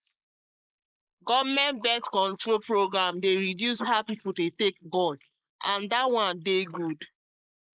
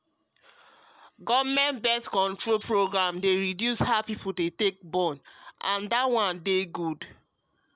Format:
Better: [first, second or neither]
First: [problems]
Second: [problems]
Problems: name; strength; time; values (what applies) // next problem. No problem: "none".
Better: second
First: noise reduction (neural mask model Resemble Enhance denoiser)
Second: none